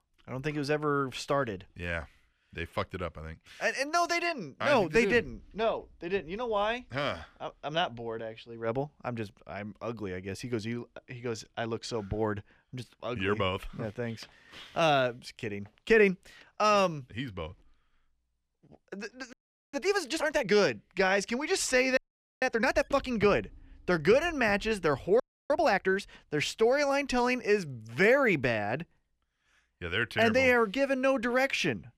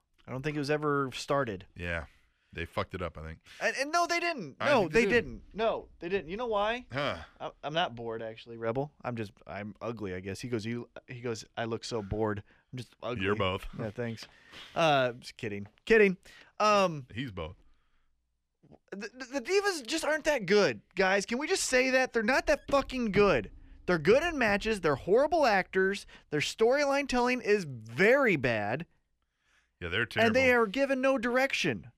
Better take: second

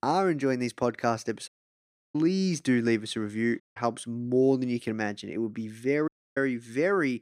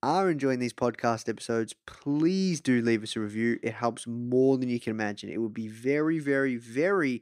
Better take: second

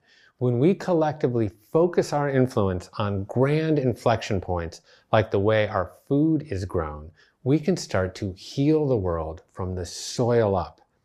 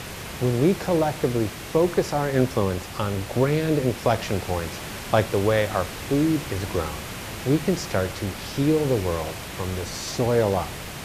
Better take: first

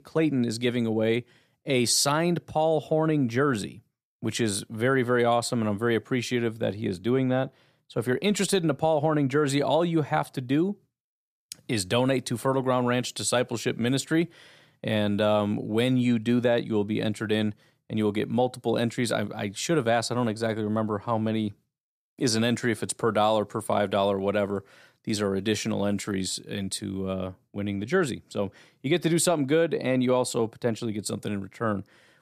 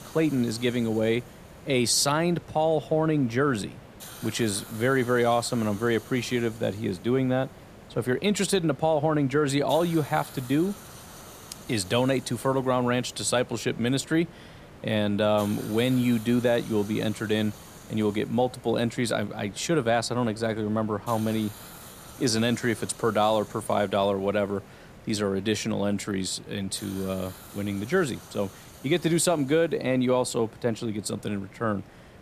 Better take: first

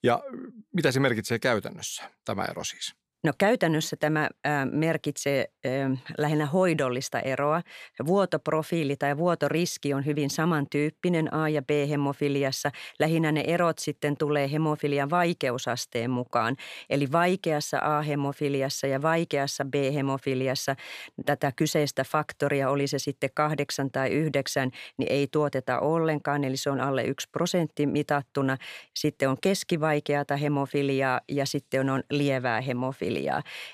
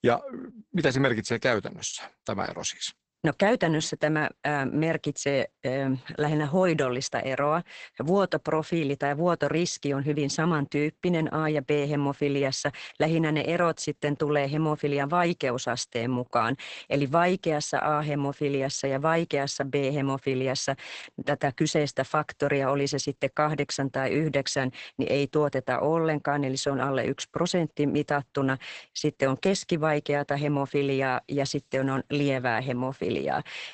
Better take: first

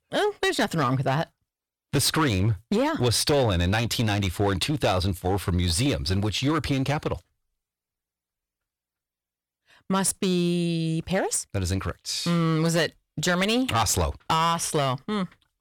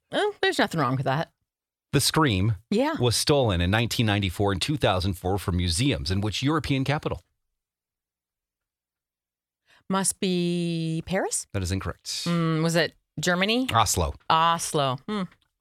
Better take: second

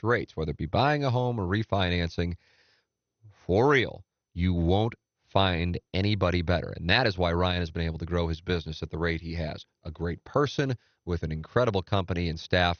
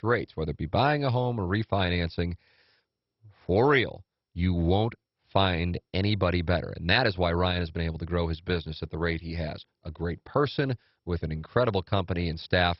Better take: first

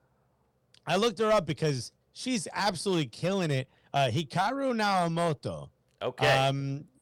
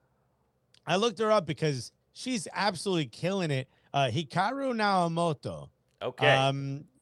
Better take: second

